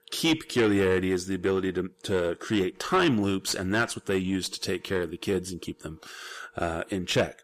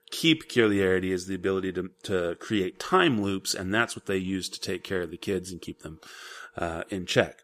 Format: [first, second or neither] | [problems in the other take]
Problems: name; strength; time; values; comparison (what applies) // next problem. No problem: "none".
second | distortion; slight; 10 dB below the speech